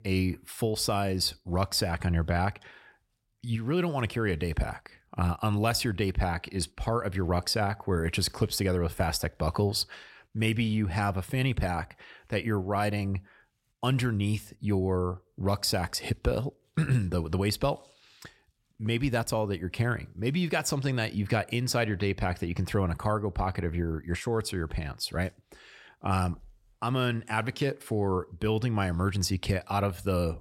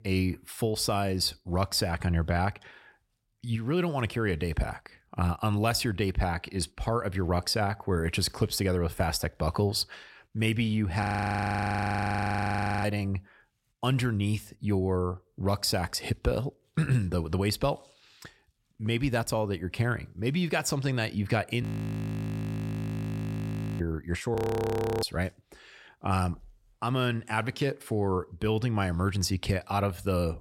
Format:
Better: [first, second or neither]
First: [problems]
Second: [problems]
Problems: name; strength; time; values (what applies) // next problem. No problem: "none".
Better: first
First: none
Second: audio freezing; at 11 s for 2 s, at 22 s for 2 s and at 24 s for 0.5 s